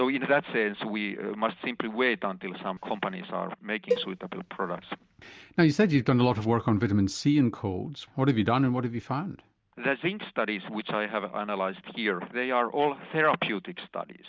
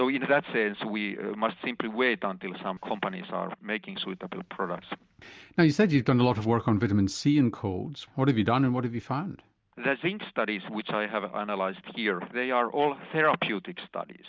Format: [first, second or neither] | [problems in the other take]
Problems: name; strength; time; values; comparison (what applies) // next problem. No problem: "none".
second | background sound (Cowbell); 7 dB below the speech